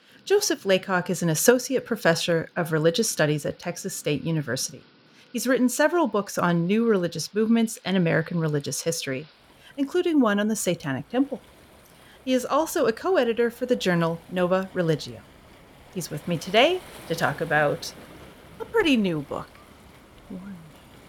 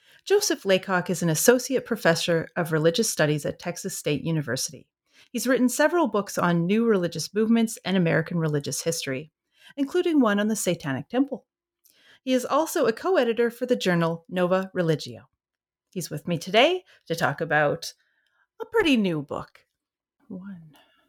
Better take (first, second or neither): second